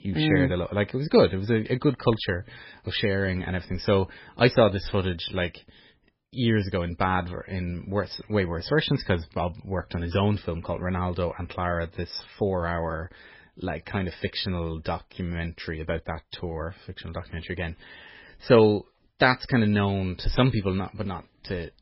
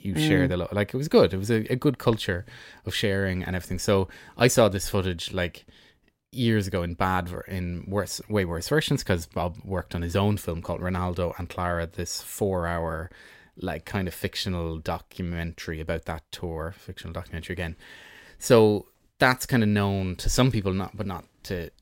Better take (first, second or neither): second